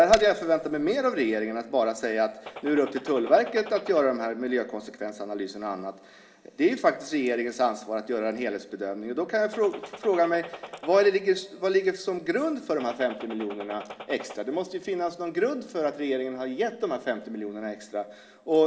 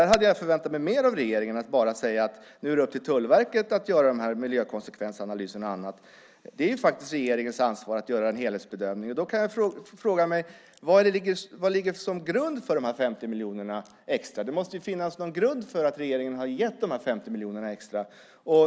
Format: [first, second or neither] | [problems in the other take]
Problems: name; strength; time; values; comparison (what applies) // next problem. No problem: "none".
second | background sound (Gunshot, gunfire); 15 dB below the speech // room echo; dies away in 2.6 s